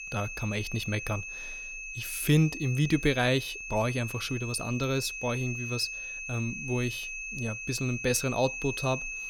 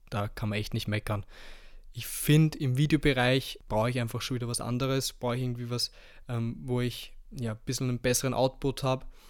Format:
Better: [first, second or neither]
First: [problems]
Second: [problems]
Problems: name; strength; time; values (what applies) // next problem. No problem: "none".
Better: second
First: high-pitched whine; loud; throughout; 2.5 kHz, 6 dB below the speech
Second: none